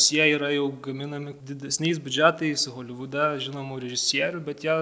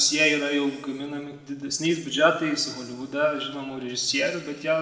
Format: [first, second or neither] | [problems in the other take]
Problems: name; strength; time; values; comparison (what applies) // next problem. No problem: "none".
first | room echo; dies away in 1.2 s